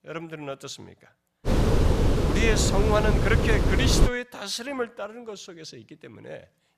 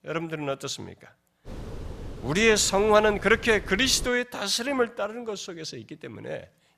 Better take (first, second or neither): second